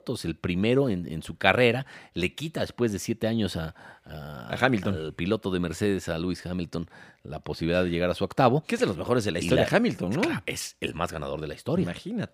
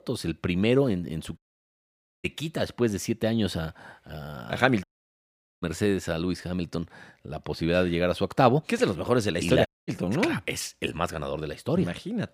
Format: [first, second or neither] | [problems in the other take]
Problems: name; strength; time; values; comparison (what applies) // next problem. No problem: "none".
first | audio cutting out; at 1.5 s for 1 s, at 5 s for 1 s and at 9.5 s